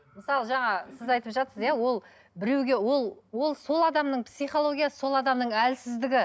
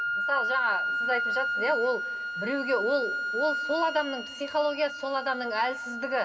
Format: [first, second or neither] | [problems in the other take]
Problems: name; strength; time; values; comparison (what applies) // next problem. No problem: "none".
first | background sound (Wind instrument, woodwind instrument); 2 dB below the speech // room echo; dies away in 2.8 s